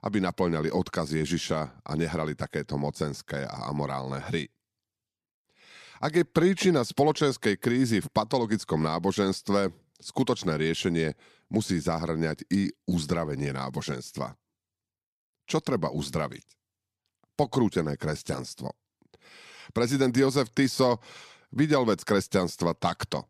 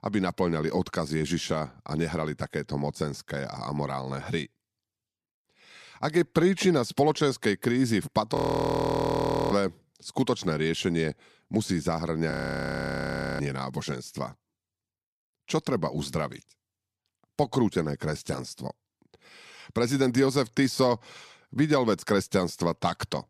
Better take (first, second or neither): first